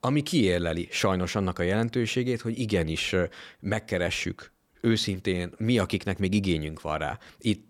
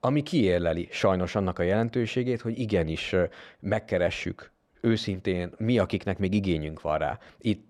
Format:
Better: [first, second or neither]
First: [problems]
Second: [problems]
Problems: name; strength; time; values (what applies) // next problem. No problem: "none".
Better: first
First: none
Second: muffled; slightly; fading above 2.5 kHz